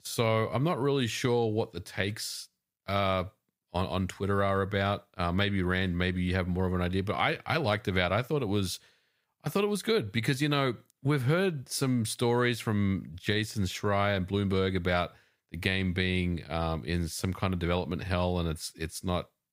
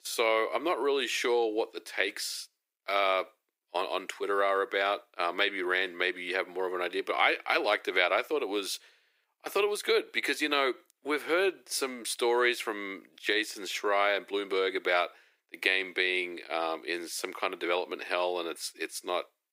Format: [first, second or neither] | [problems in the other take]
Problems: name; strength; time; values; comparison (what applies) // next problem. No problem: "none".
first | thin; very; fading below 350 Hz